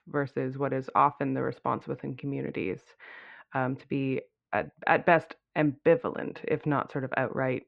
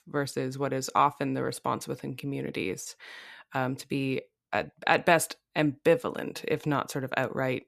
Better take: second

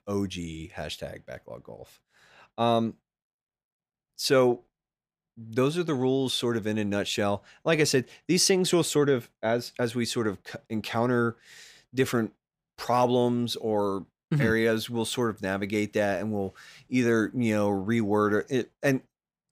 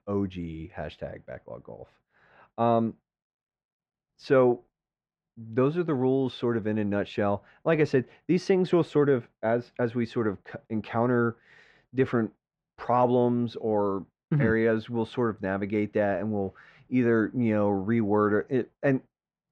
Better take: first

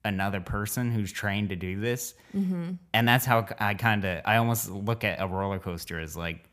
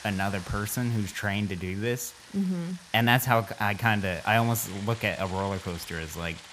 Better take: first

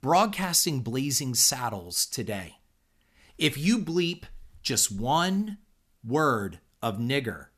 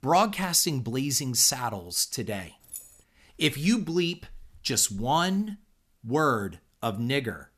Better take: first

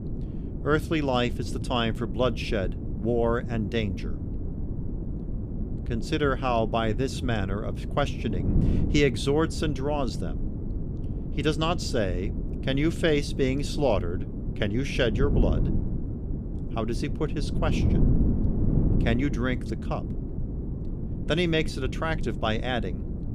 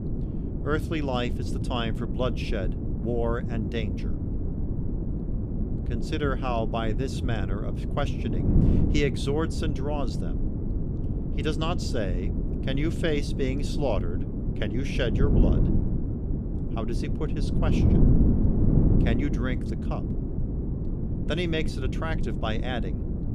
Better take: first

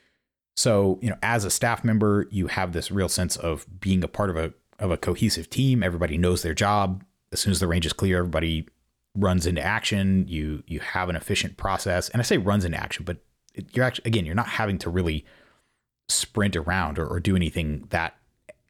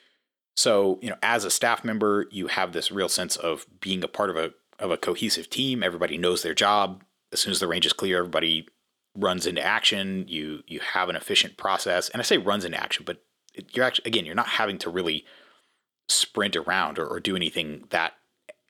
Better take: first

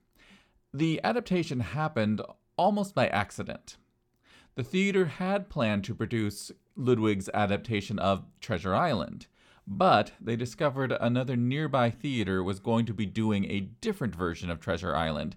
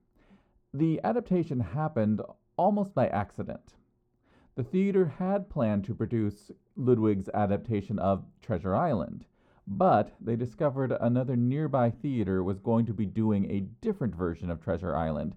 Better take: first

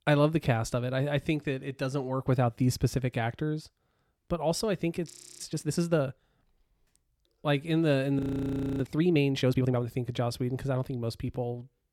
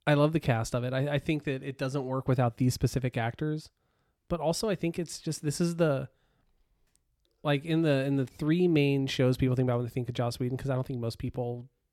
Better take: second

